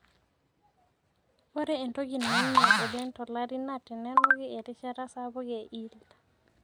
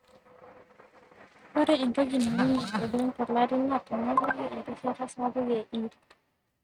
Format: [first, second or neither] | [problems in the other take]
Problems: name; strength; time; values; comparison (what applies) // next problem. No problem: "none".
first | noise reduction (neural mask model RNNoise)